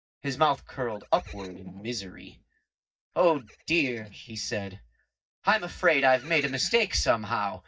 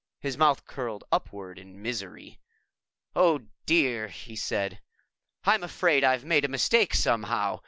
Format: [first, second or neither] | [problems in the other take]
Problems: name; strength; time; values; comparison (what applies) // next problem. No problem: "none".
second | noise reduction (neural mask model DeepFilterNet 3)